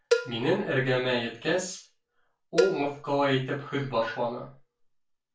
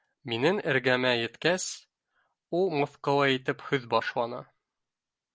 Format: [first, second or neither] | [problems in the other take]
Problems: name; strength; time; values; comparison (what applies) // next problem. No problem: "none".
second | background sound (Cowbell); 5 dB below the speech // room echo; dies away in 0.3 s